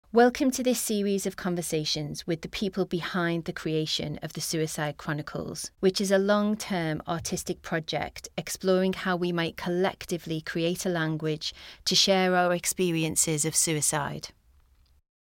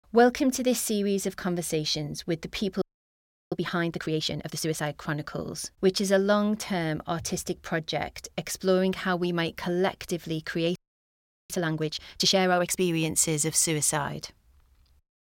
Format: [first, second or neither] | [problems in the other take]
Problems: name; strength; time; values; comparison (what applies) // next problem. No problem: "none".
first | audio freezing; at 3 s for 0.5 s and at 11 s for 0.5 s